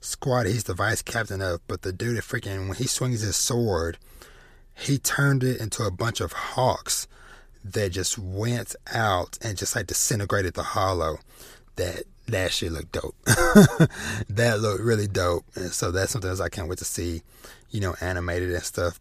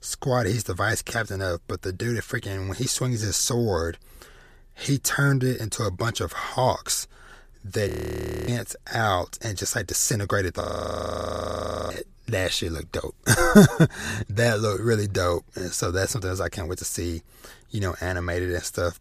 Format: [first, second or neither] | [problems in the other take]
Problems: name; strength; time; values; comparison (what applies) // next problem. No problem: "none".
first | audio freezing; at 8 s for 0.5 s and at 11 s for 1.5 s